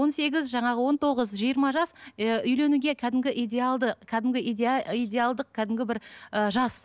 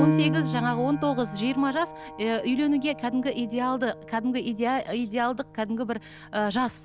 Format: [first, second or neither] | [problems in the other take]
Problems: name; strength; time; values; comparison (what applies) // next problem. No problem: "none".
first | background sound (Piano); 6 dB below the speech